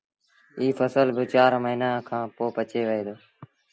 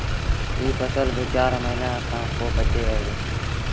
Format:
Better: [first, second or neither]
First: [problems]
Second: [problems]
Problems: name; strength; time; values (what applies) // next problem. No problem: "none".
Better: first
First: none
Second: background sound (Motor vehicle (road)); 4 dB above the speech